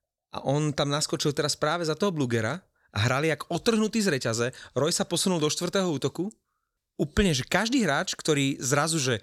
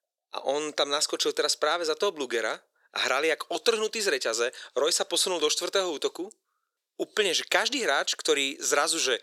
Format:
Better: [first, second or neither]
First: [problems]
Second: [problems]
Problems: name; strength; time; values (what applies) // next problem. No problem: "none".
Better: first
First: none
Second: thin; very; fading below 400 Hz